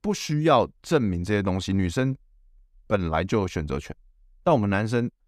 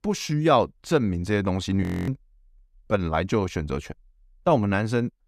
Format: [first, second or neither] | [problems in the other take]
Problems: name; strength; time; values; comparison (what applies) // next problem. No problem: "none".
first | audio freezing; at 2 s